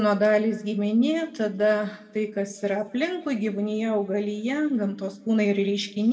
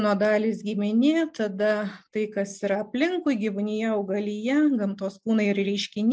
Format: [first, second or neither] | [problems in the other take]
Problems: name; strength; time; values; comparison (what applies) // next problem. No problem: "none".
second | room echo; dies away in 1.2 s